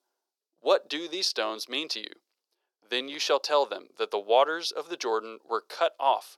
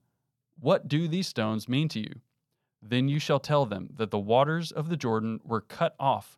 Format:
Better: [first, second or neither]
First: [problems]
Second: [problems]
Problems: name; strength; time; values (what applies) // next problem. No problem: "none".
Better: second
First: thin; very; fading below 350 Hz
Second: none